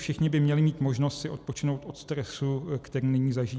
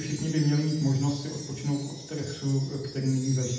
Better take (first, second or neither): first